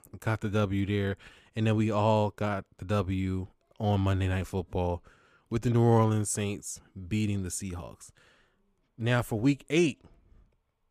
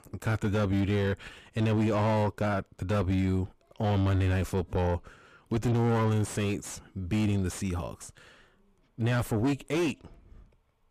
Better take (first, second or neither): first